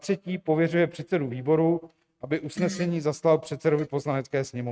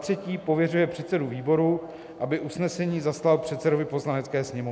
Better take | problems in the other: second | noise reduction (neural mask model RNNoise)

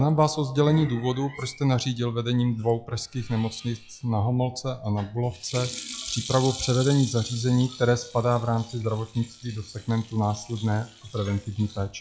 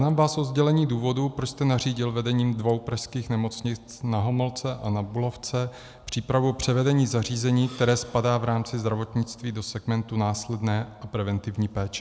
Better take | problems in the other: second | noise reduction (classical method log-MMSE)

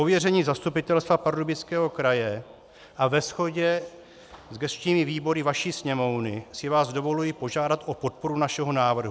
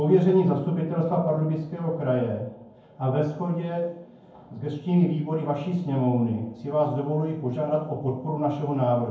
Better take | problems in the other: first | room echo; dies away in 0.9 s

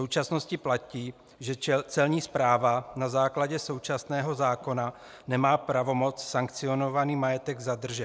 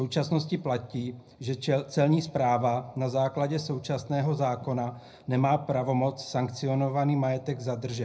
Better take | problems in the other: first | room echo; dies away in 0.4 s

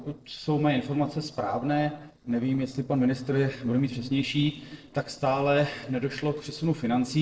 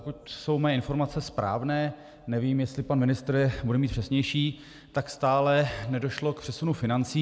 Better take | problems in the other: second | noise reduction (neural separator model SepFormer DNS4)

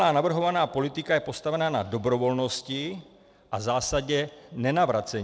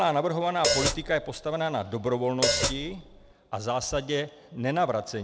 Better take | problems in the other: first | background sound (Hi-hat); as loud as the speech

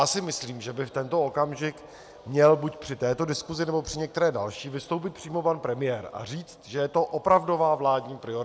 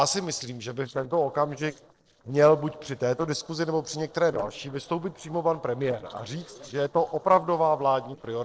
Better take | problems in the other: first | noise reduction (neural separator model SepFormer DNS4)

